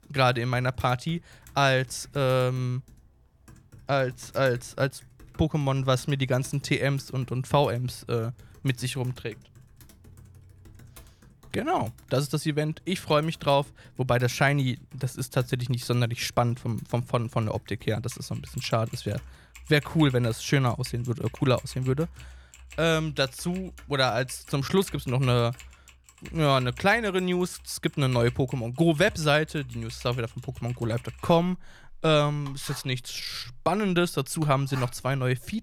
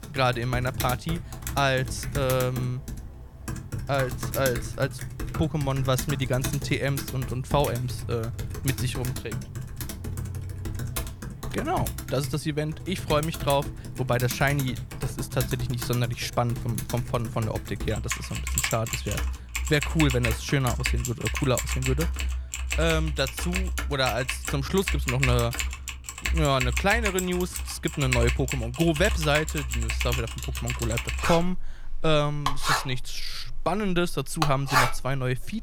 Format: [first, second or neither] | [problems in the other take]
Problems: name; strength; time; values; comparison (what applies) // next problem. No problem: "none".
first | household noises; loud; throughout; 3 dB below the speech; faint in the first